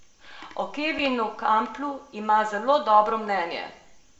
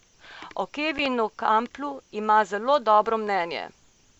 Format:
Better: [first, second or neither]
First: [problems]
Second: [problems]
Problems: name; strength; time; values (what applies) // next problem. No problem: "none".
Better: second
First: room echo; dies away in 0.6 s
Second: none